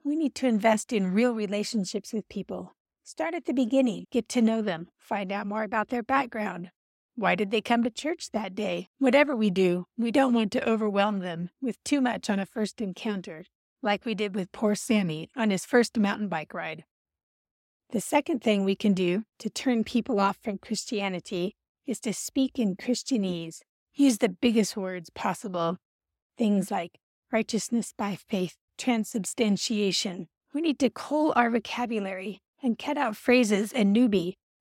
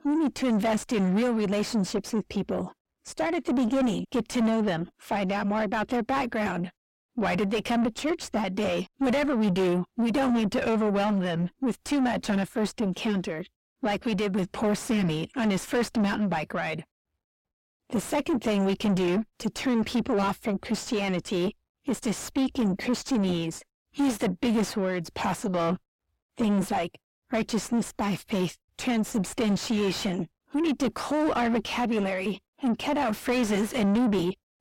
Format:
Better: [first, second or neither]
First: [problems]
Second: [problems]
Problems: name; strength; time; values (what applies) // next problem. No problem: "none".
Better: first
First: none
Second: distortion; heavy; 6 dB below the speech